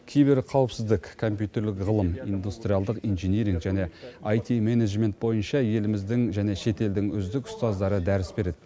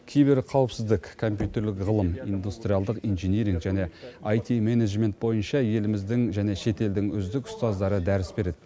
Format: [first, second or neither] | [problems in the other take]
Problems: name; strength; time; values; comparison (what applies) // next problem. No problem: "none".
first | background sound (Knock); 17 dB below the speech